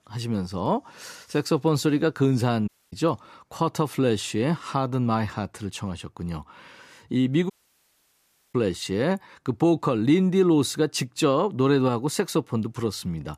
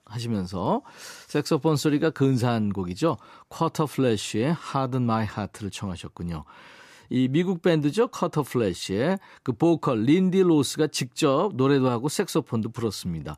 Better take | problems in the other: second | audio cutting out; at 2.5 s and at 7.5 s for 1 s

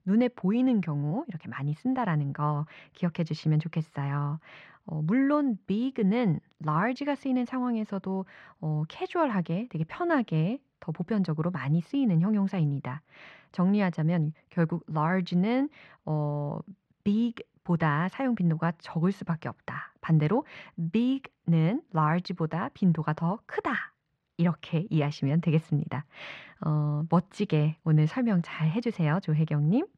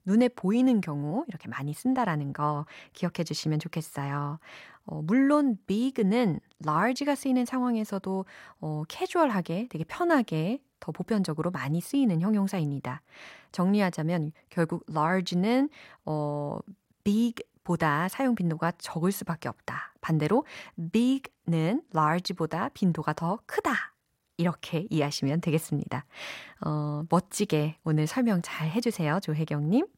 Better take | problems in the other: second | muffled; slightly; fading above 3 kHz

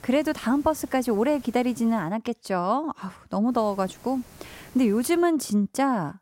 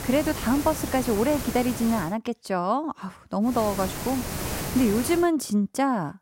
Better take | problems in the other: first | hiss; loud; until 2 s and from 3.5 to 5 s; 7 dB below the speech; faint in the first

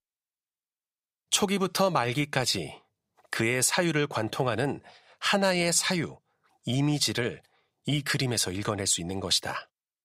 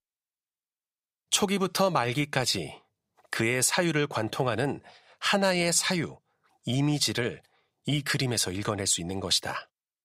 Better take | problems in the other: neither | none

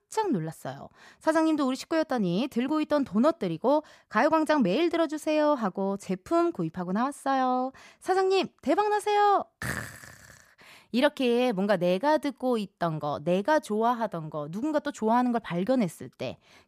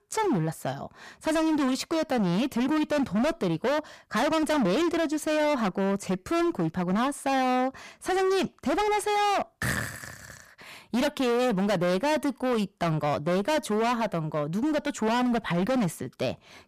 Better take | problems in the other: first | distortion; heavy; 27% of the sound clipped

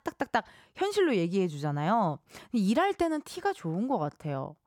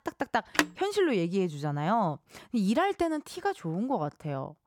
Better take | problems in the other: first | phone ringing; loud; at 0.5 s; peak 1 dB above the speech

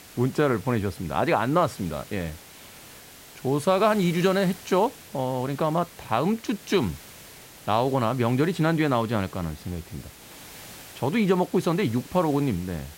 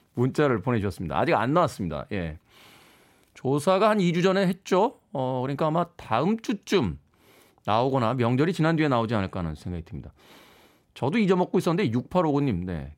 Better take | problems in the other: second | hiss; noticeable; throughout; 20 dB below the speech

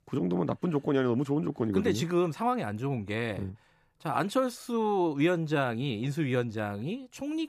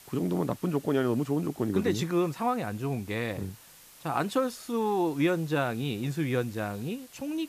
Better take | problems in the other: first | hiss; faint; throughout; 20 dB below the speech

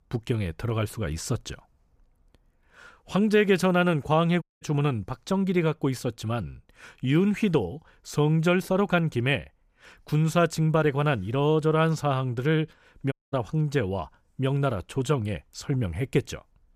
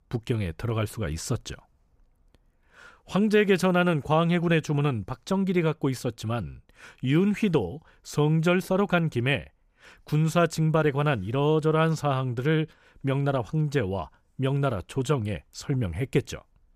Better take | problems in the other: second | audio cutting out; at 4.5 s and at 13 s

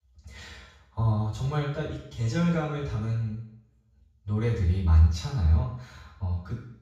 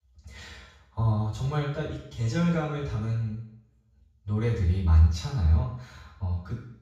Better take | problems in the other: neither | room echo; noticeable; dies away in 0.6 s; the same in both // off-mic speech; far; the same in both

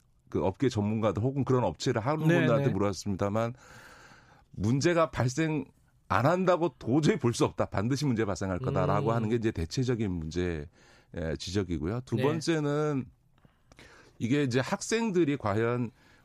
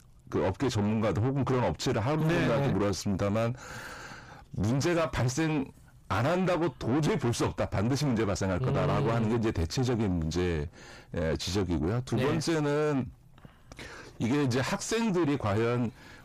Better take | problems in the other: first | distortion; heavy; 6 dB below the speech

